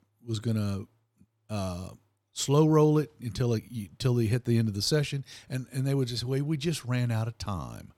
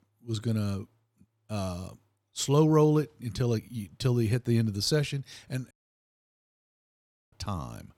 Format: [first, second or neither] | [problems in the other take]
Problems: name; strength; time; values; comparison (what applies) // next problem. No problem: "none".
first | audio cutting out; at 5.5 s for 1.5 s